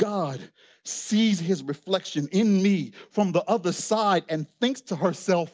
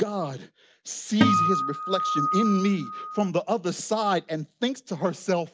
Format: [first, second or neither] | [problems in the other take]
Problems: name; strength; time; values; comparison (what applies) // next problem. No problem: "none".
first | background sound (Acoustic guitar); 1 dB above the speech